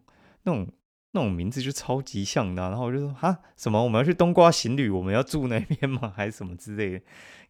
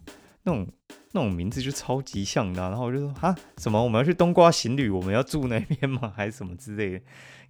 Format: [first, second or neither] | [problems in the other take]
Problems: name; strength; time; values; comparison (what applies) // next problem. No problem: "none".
first | background music; faint; throughout; 25 dB below the speech